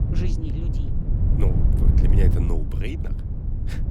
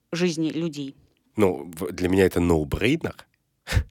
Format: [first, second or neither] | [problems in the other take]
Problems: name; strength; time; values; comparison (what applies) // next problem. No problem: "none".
second | wind noise on the microphone; heavy; 1 dB above the speech